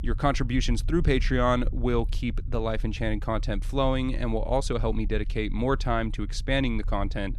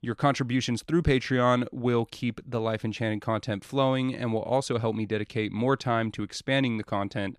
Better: second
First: low rumble; faint; throughout; 25 dB below the speech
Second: none

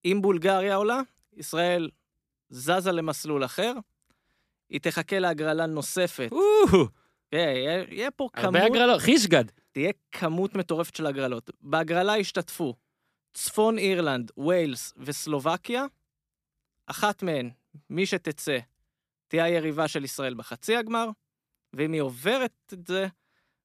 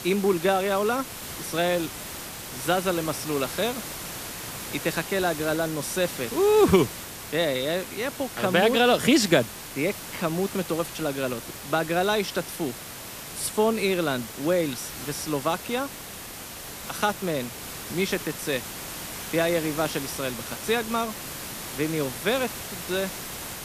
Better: first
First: none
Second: hiss; loud; throughout; 9 dB below the speech

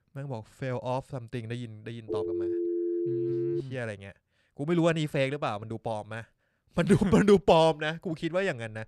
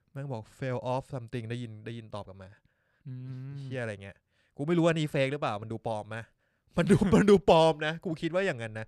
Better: second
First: phone ringing; noticeable; from 2 to 3.5 s; peak 2 dB below the speech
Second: none

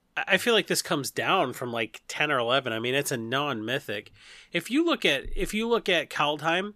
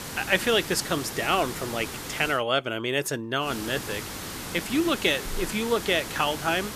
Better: first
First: none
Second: hiss; loud; until 2.5 s and from 3.5 s on; 8 dB below the speech

